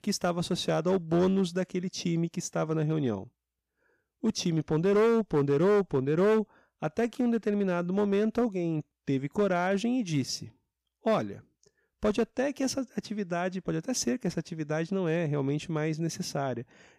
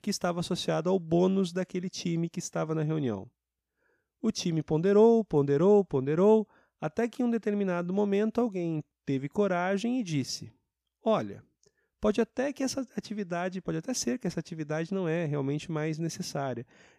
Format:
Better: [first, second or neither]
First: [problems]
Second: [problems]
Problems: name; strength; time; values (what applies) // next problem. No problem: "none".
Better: second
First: distortion; slight; 4% of the sound clipped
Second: none